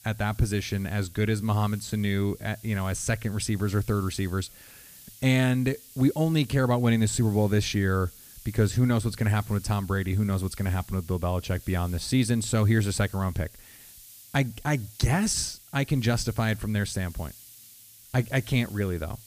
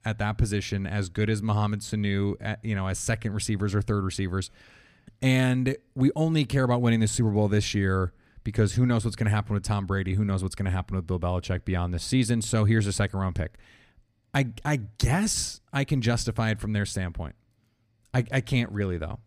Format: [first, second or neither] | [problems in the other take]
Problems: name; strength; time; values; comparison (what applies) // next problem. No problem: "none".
second | hiss; faint; throughout; 20 dB below the speech